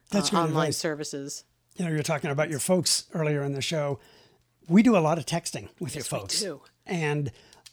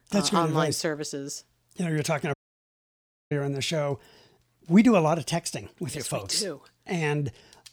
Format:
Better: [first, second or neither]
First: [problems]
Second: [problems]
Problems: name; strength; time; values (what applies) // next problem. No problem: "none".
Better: first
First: none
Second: audio cutting out; at 2.5 s for 1 s